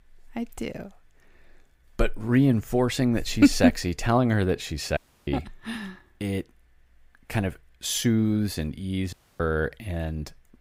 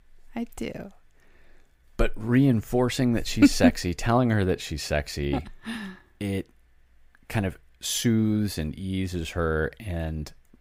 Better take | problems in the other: second | audio cutting out; at 5 s and at 9 s

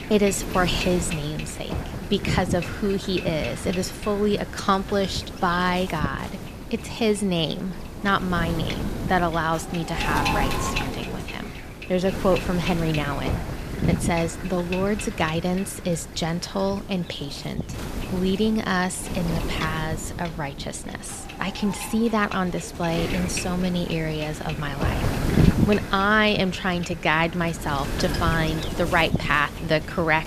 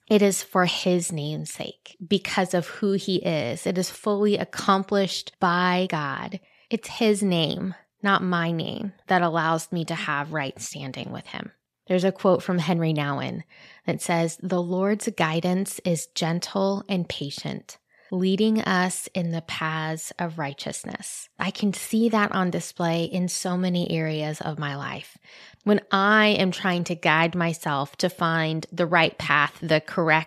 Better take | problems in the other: second | wind noise on the microphone; heavy; 8 dB below the speech

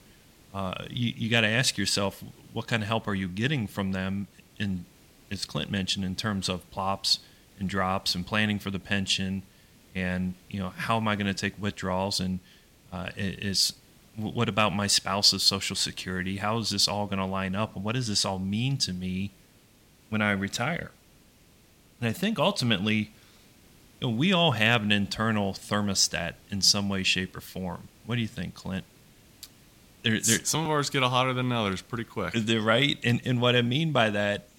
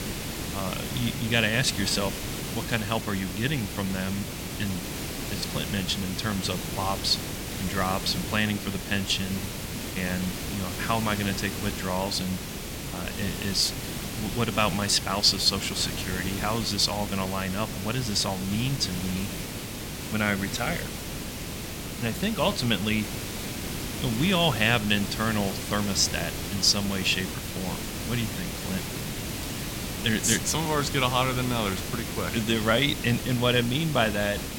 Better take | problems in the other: first | hiss; loud; throughout; 6 dB below the speech; faint in the first

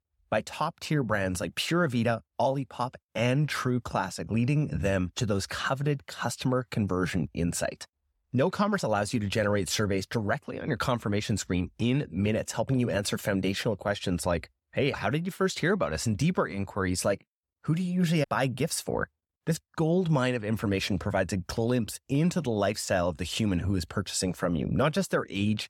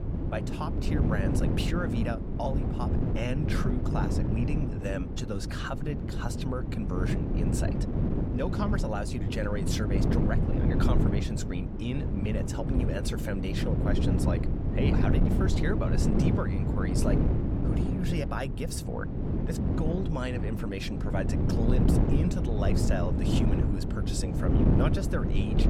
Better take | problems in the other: first | wind noise on the microphone; heavy; as loud as the speech

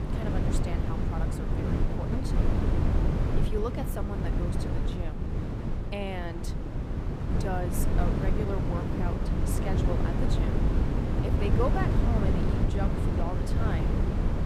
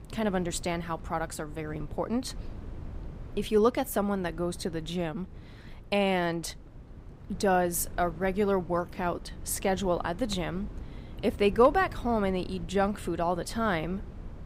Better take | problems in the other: second | wind noise on the microphone; heavy; 1 dB above the speech; occasional gusts in the second

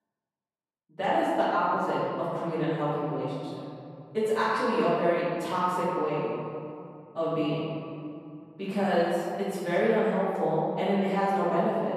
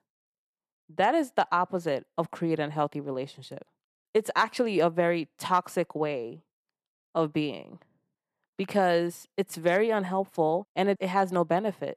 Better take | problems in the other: second | room echo; strong; dies away in 2.5 s // off-mic speech; far

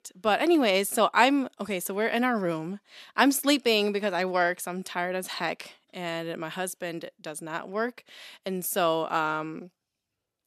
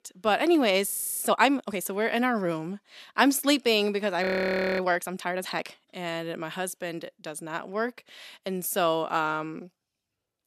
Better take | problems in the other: first | audio freezing; at 1 s and at 4 s for 0.5 s

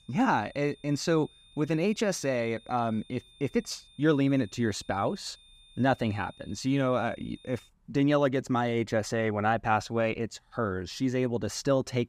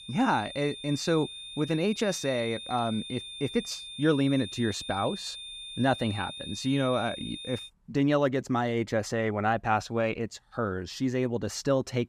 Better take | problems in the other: first | high-pitched whine; loud; until 7.5 s; 3.5 kHz, 10 dB below the speech; faint in the first

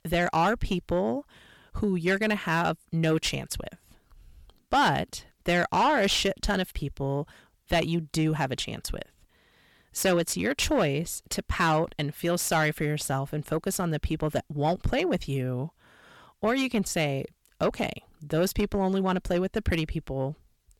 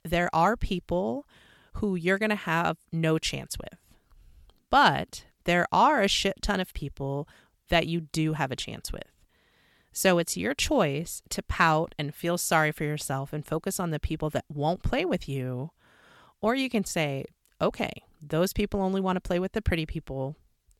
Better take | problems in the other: second | distortion; slight; 10 dB below the speech

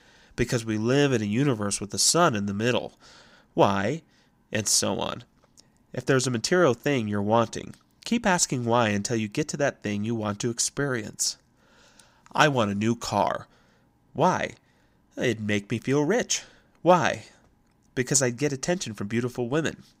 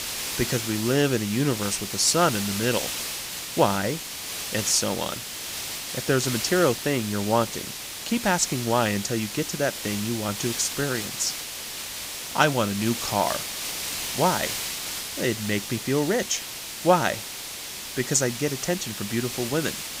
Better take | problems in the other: first | hiss; loud; throughout; 5 dB below the speech

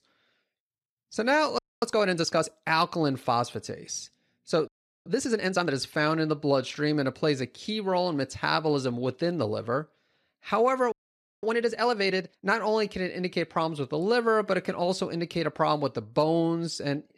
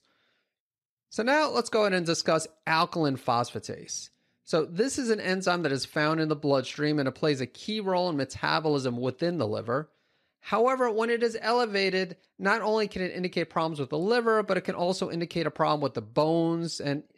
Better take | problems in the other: second | audio freezing; at 1.5 s, at 4.5 s and at 11 s for 0.5 s

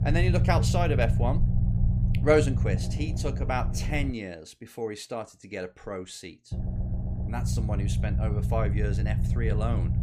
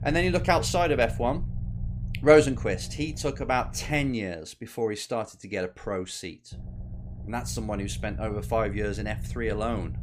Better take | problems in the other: second | low rumble; loud; until 4 s and from 6.5 s on; 9 dB below the speech; faint in the second

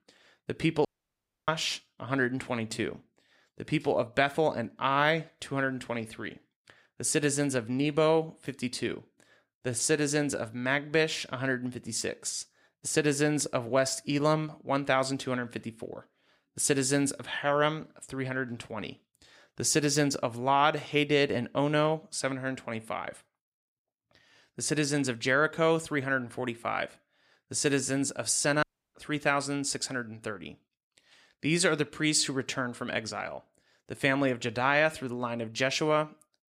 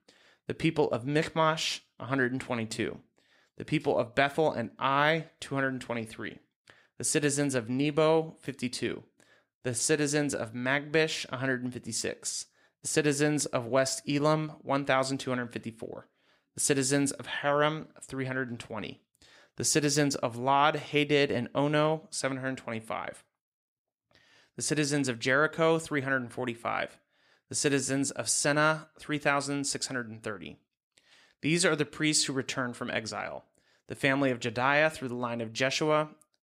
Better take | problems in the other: second | audio cutting out; at 1 s for 0.5 s and at 29 s

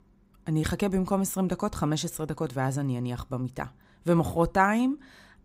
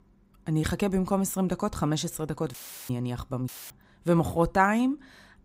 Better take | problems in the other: first | audio cutting out; filled with static; at 2.5 s and at 3.5 s

